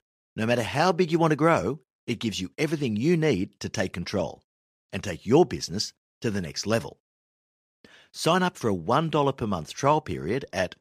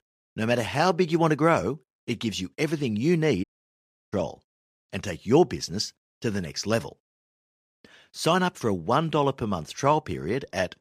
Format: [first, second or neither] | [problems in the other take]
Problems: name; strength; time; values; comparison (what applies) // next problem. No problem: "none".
first | audio cutting out; at 3.5 s for 0.5 s